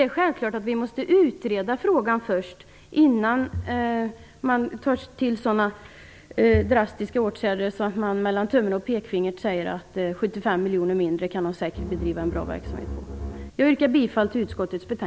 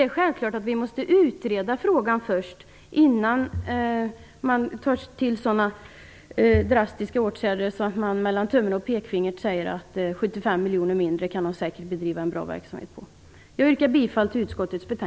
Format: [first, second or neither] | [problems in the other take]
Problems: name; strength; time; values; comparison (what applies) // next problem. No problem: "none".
second | background sound (Bowed string instrument); 9 dB below the speech